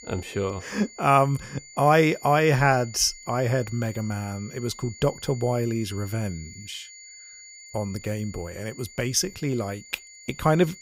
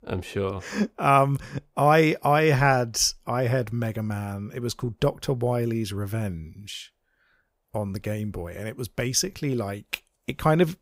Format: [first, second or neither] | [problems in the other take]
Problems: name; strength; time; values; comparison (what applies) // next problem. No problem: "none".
second | high-pitched whine; noticeable; throughout; 2 kHz, 20 dB below the speech